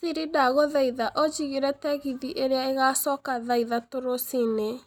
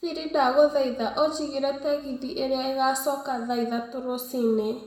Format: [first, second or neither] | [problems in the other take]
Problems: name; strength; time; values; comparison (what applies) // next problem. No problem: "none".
first | room echo; dies away in 0.8 s